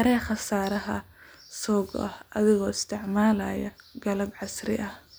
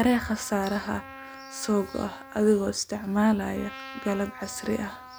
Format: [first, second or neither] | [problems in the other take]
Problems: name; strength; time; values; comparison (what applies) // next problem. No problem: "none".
first | background sound (Trumpet); 17 dB below the speech